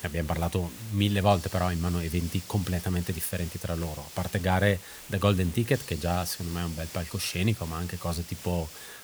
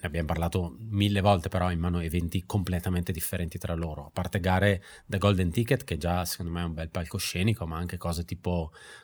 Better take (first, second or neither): second